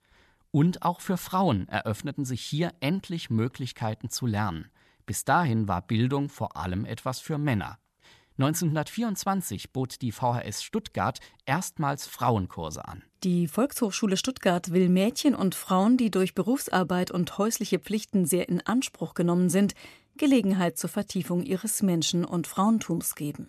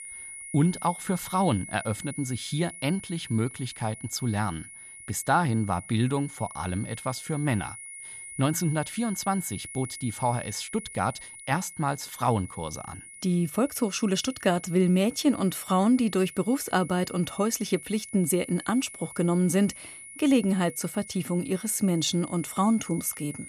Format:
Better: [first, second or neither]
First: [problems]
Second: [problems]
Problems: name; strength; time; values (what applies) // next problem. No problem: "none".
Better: first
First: none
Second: high-pitched whine; noticeable; throughout; 2 kHz, 15 dB below the speech